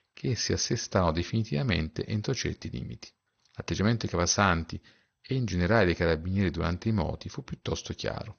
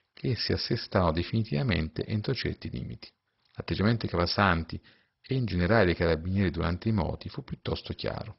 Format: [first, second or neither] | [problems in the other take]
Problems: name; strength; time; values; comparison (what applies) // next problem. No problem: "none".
first | garbled, watery; badly; nothing above 5.5 kHz; slightly in the first